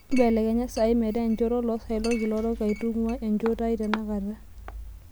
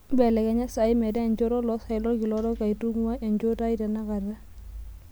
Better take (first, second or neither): second